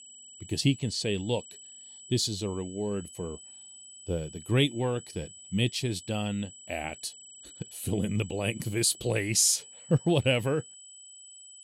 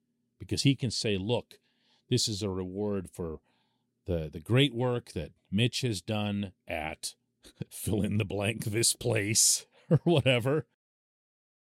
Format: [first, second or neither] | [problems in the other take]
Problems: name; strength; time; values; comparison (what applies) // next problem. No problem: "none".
second | high-pitched whine; noticeable; throughout; 8 kHz, 15 dB below the speech